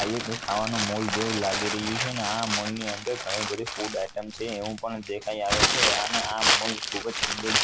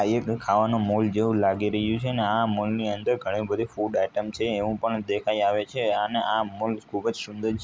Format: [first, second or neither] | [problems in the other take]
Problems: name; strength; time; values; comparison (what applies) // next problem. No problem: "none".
second | background sound (Crumpling, crinkling); 3 dB above the speech